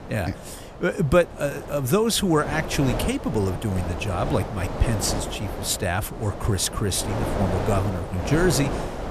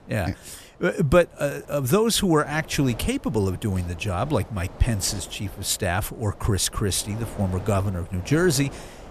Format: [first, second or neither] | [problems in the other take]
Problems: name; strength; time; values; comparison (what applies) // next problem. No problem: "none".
second | wind noise on the microphone; heavy; 6 dB below the speech; occasional gusts in the second